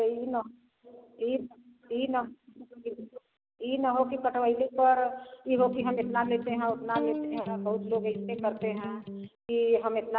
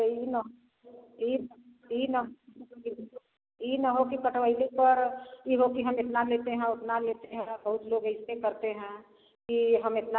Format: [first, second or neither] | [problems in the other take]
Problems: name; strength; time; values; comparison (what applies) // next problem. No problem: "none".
second | background sound (Electric guitar); 7 dB below the speech